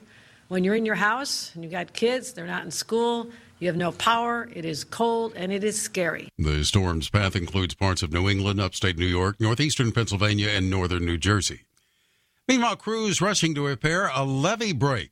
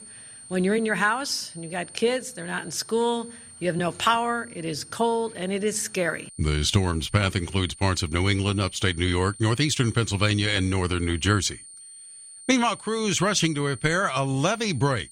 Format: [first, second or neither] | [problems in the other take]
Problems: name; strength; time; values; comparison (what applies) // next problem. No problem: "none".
first | high-pitched whine; noticeable; throughout; 9 kHz, 15 dB below the speech